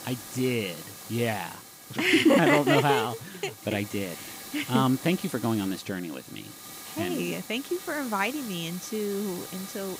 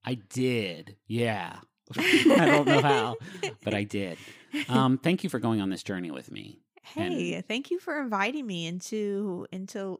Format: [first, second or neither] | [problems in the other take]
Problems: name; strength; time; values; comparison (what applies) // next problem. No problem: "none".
second | hiss; noticeable; throughout; 15 dB below the speech